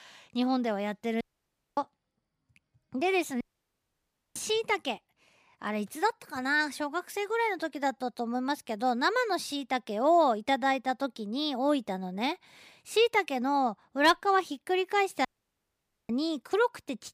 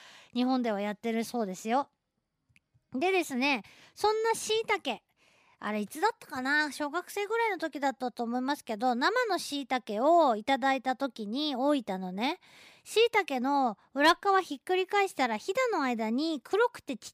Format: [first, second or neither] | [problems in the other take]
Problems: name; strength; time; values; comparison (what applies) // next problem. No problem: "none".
second | audio cutting out; at 1 s for 0.5 s, at 3.5 s for 1 s and at 15 s for 1 s